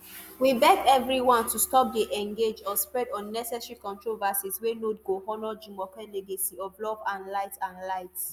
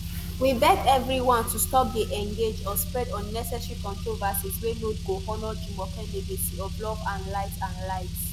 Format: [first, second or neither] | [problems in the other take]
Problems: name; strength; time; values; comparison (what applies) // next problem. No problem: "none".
first | background sound (Car); 5 dB below the speech